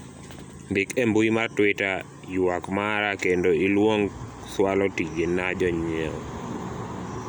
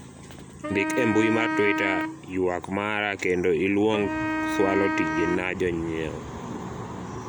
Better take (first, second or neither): first